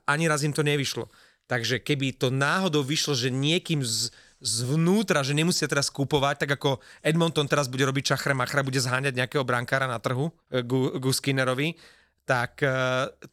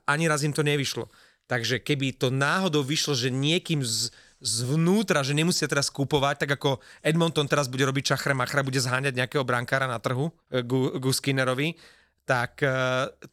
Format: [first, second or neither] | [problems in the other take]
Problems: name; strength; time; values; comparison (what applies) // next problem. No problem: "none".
neither | none